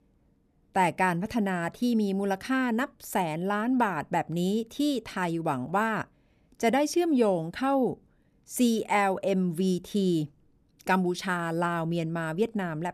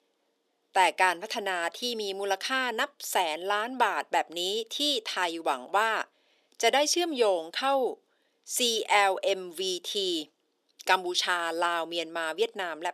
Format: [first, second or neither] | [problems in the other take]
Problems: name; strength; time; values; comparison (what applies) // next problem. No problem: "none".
first | thin; very; fading below 400 Hz